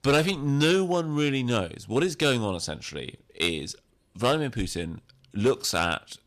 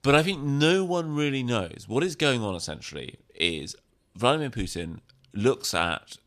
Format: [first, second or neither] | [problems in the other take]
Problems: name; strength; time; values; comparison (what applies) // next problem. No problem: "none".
second | distortion; slight; 2% of the sound clipped